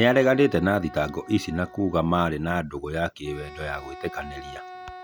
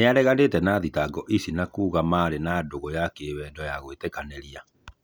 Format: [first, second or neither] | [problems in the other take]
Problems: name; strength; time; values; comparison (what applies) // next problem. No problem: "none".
second | background sound (Wind instrument, woodwind instrument); 18 dB below the speech